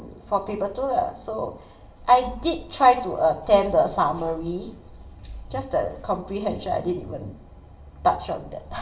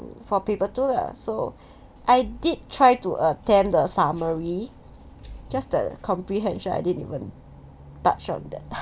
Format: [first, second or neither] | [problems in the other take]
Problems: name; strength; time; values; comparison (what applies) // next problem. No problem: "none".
second | room echo; dies away in 0.9 s